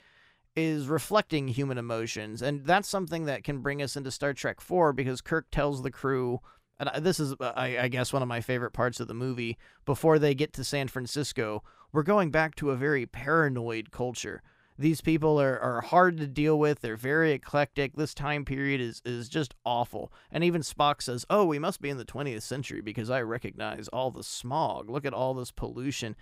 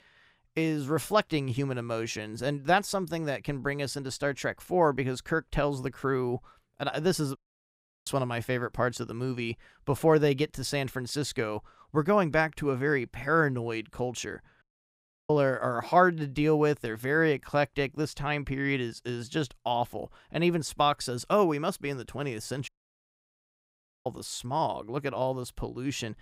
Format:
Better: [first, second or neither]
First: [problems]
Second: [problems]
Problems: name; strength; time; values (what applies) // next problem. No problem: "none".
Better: first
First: none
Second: audio cutting out; at 7.5 s for 0.5 s, at 15 s for 0.5 s and at 23 s for 1.5 s